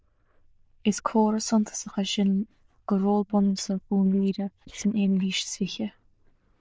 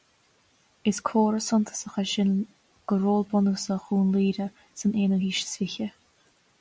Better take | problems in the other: second | noise reduction (neural diffusion model UNIVERSE++)

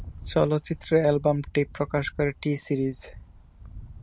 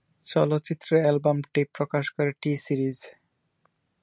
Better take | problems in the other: second | background sound (Rattle); 17 dB below the speech

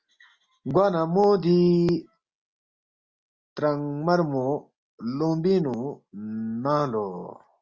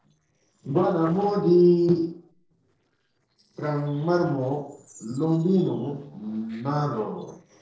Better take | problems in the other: first | noise reduction (neural separator model SepFormer DNS4)

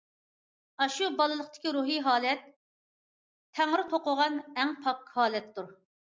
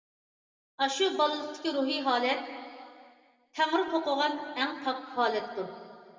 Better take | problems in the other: first | room echo; dies away in 2.2 s

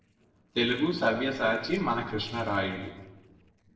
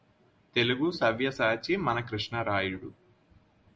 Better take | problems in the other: second | noise reduction (neural separator model SepFormer DNS4)

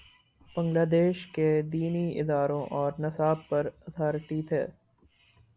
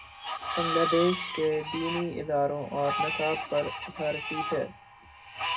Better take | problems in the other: first | background sound (Screech); 4 dB below the speech // room echo; dies away in 0.2 s

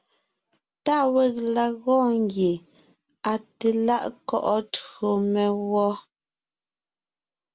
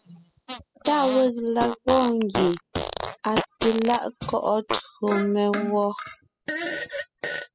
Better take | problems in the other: first | noise reduction (classical method spectral subtraction)

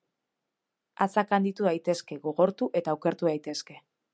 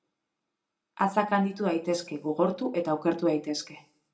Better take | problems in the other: first | room echo; dies away in 0.3 s

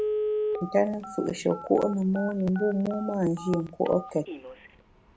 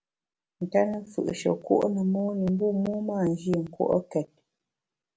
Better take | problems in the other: second | background sound (Telephone); 7 dB below the speech

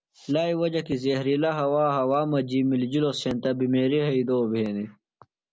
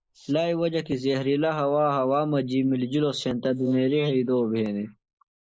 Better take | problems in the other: first | noise reduction (neural mask model Resemble Enhance denoiser)

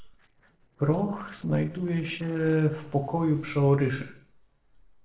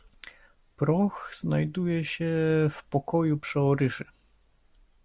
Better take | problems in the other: second | noise reduction (neural separator model SepFormer DNS4)

